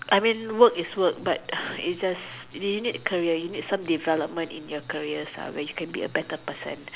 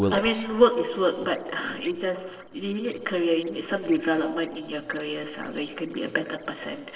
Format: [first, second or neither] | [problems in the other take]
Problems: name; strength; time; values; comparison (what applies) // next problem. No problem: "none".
first | noise reduction (neural separator model SepFormer DNS4)